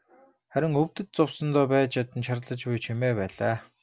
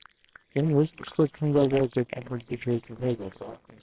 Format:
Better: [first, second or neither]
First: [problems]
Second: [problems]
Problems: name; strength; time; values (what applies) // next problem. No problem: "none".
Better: first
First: none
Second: noise reduction (neural separator model SepFormer WHAMR!)